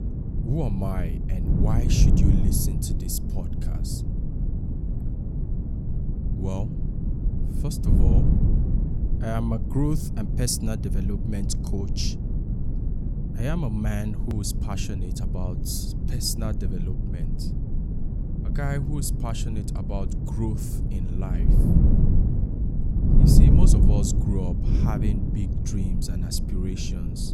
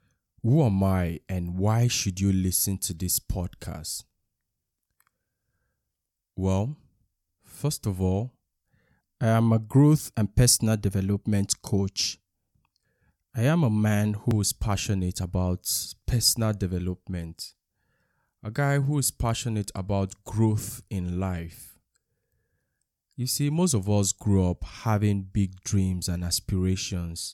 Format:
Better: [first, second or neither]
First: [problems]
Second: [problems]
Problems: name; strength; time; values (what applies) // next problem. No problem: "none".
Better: second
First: wind noise on the microphone; heavy; 2 dB below the speech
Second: none